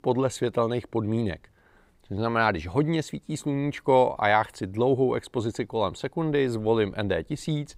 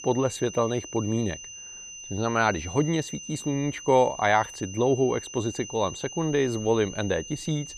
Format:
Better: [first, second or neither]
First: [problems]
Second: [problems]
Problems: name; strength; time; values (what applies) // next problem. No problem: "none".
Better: first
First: none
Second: high-pitched whine; noticeable; throughout; 6 kHz, 10 dB below the speech